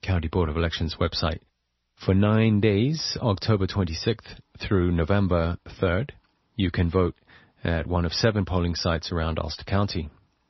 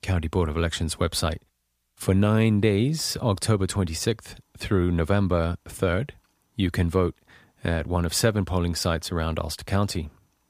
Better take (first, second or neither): second